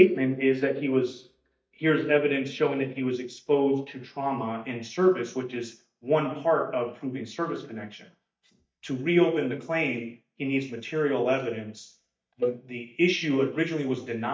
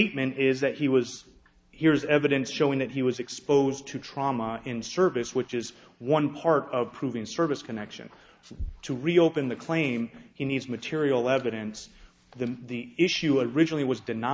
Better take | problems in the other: second | noise reduction (neural mask model DeepFilterNet 3)

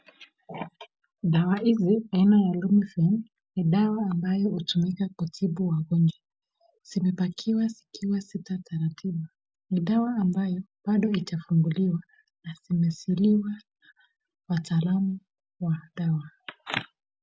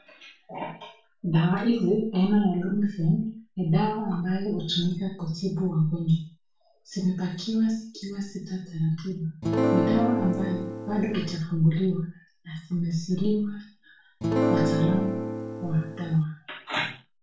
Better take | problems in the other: first | background sound (Acoustic guitar / Strum); as loud as the speech // room echo; dies away in 0.3 s

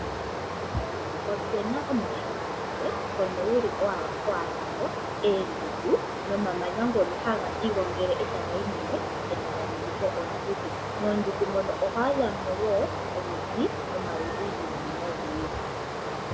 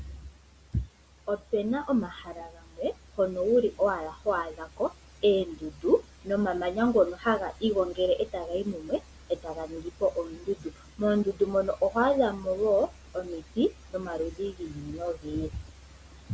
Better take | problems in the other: second | background sound (Stream); 2 dB below the speech

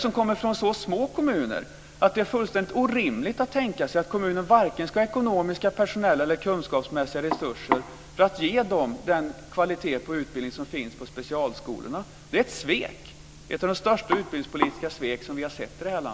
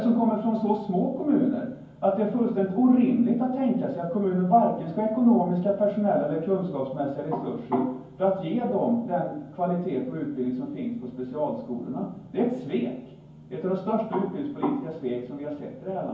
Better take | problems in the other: first | room echo; dies away in 0.9 s

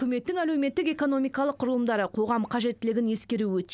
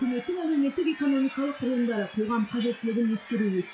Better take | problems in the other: first | noise reduction (classical method WPE with log-MMSE)

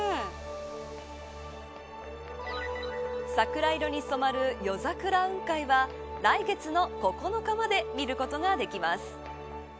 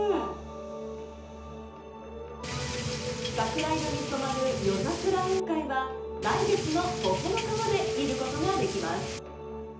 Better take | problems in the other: first | background sound (Drip / Rain); 6 dB below the speech // room echo; dies away in 0.6 s

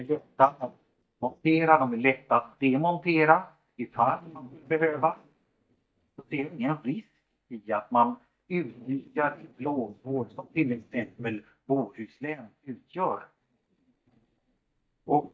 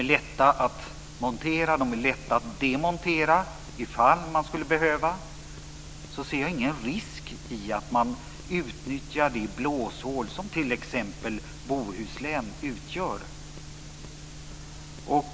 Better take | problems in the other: second | noise reduction (neural mask model DeepFilterNet 3)

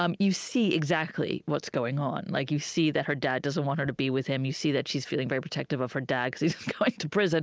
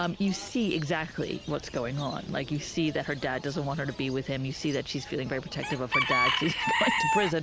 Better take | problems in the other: first | background sound (Bird / Chicken, rooster); 3 dB below the speech

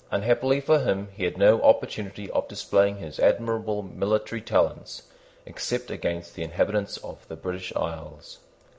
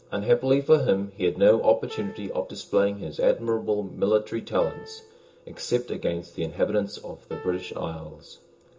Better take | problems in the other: first | background sound (Piano); 20 dB below the speech // room echo; dies away in 0.2 s

